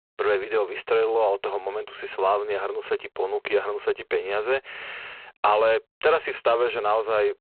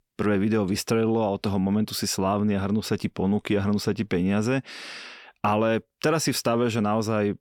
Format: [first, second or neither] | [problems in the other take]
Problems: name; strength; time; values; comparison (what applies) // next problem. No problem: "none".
second | phone-call audio; poor line; nothing above 4 kHz